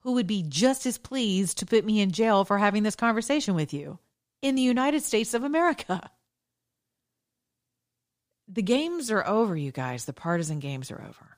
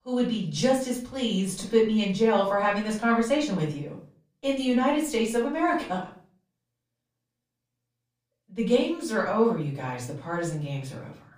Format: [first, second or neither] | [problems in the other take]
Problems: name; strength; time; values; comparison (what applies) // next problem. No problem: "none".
first | off-mic speech; far // room echo; slight; dies away in 0.4 s